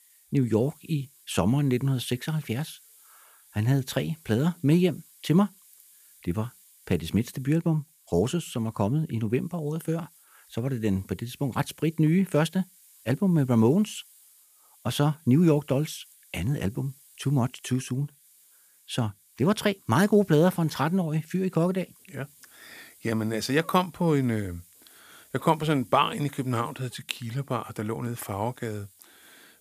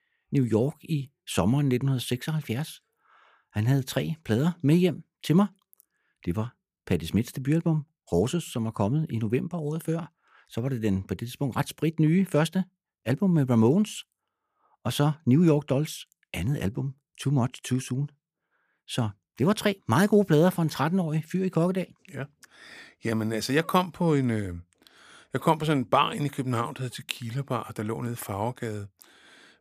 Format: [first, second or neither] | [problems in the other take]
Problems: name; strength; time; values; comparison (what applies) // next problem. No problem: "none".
second | hiss; faint; throughout; 25 dB below the speech